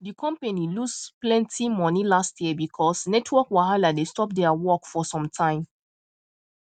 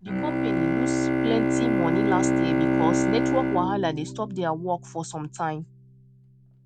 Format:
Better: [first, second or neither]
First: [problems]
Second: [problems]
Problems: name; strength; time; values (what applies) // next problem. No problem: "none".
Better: first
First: none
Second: background sound (Bowed string instrument); 4 dB above the speech